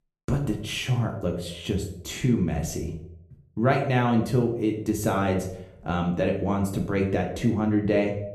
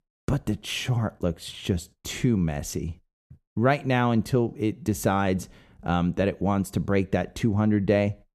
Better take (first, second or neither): second